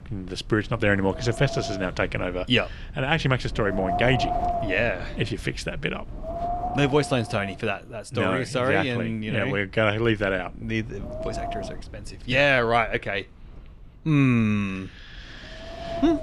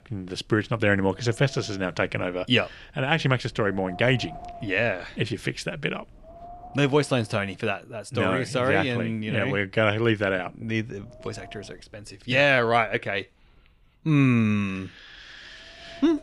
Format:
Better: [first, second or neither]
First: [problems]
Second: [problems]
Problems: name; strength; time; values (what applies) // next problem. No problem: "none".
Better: second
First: wind noise on the microphone; heavy; 6 dB below the speech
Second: wind noise on the microphone; occasional gusts; 20 dB below the speech